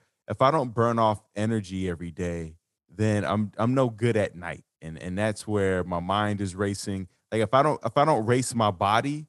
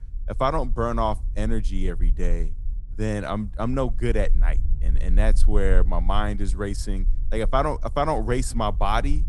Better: first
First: none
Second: low rumble; faint; throughout; 25 dB below the speech

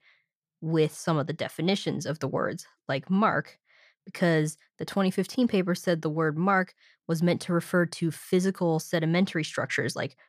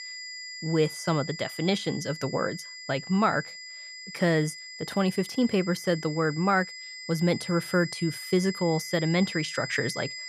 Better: first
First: none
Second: high-pitched whine; noticeable; throughout; 2 kHz, 10 dB below the speech

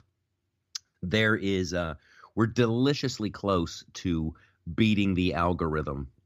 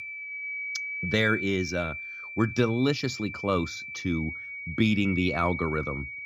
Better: first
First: none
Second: high-pitched whine; loud; throughout; 2.5 kHz, 6 dB below the speech

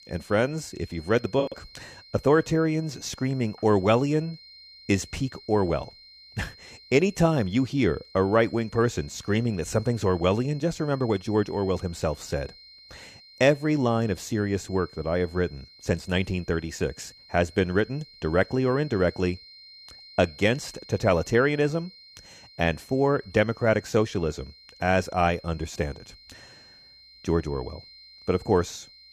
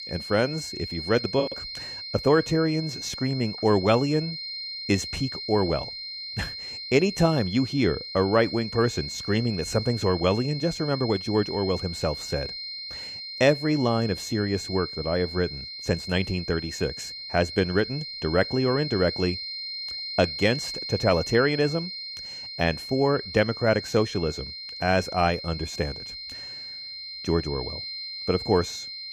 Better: first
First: high-pitched whine; faint; throughout; 4 kHz, 20 dB below the speech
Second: high-pitched whine; loud; throughout; 4 kHz, 8 dB below the speech

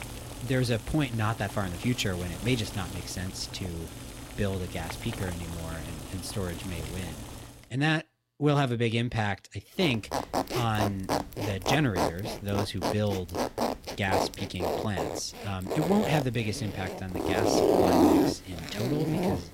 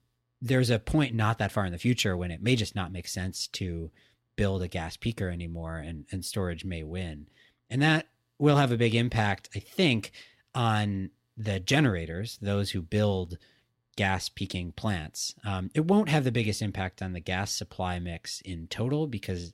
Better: second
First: household noises; loud; throughout; 1 dB below the speech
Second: none

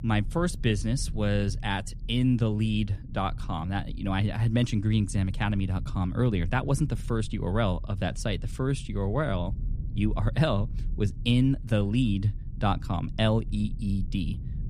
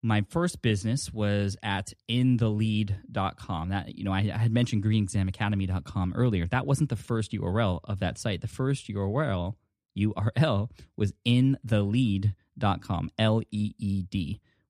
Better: second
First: low rumble; faint; throughout; 20 dB below the speech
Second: none

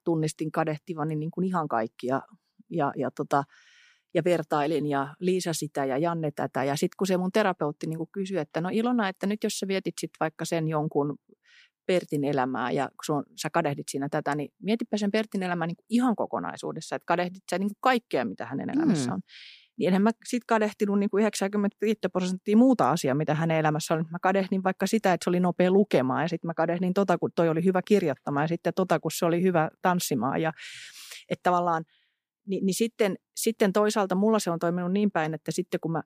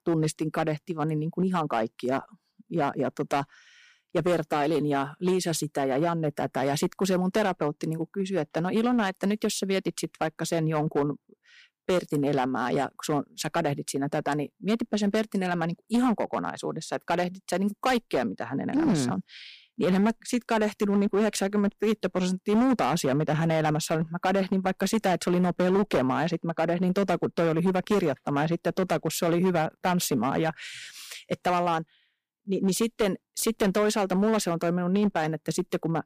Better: first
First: none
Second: distortion; slight; 9% of the sound clipped

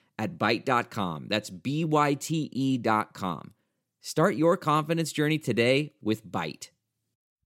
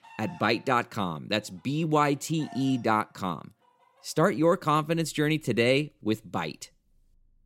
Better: first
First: none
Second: animal sounds; faint; throughout; 25 dB below the speech

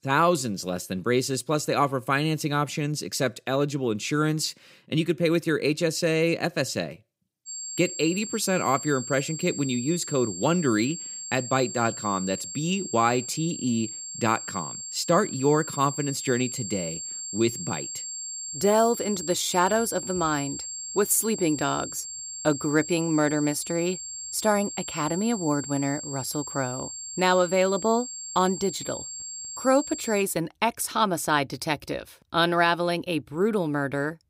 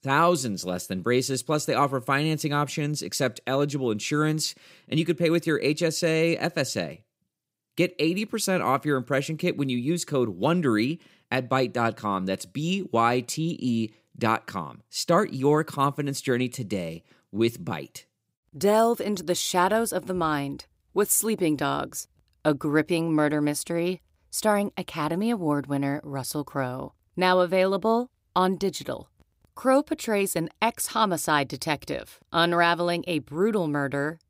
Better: second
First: high-pitched whine; loud; from 7.5 to 30 s; 7.5 kHz, 8 dB below the speech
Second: none

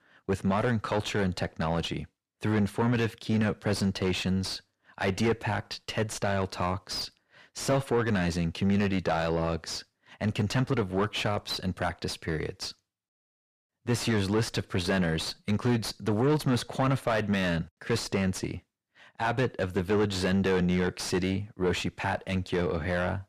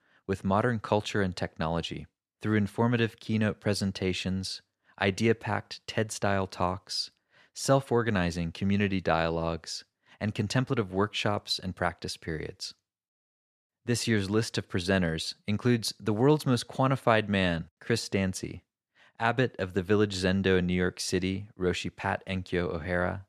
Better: second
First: distortion; heavy; 7 dB below the speech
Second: none

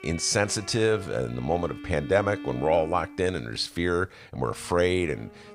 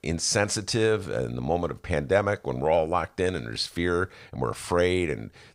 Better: second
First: background music; noticeable; throughout; 15 dB below the speech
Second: none

